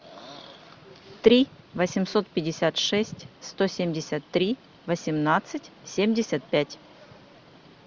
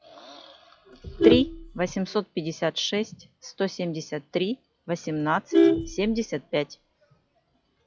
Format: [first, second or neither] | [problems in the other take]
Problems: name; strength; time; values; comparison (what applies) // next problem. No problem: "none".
first | noise reduction (classical method log-MMSE)